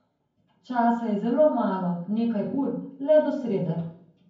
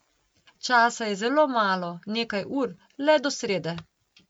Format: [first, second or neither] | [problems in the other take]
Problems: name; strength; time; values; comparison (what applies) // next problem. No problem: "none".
second | room echo; dies away in 0.9 s